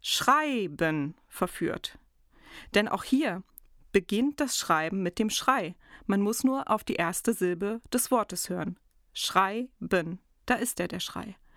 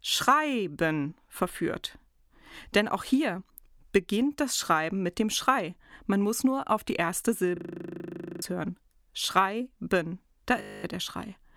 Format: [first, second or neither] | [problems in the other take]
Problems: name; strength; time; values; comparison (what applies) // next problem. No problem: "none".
first | audio freezing; at 7.5 s for 1 s and at 11 s